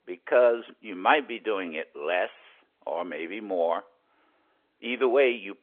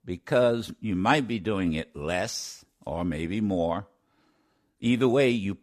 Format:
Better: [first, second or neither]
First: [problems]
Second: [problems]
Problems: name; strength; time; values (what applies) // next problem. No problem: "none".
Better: second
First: phone-call audio; nothing above 3.5 kHz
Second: none